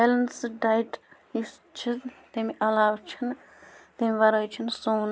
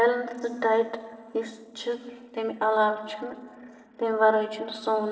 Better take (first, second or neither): first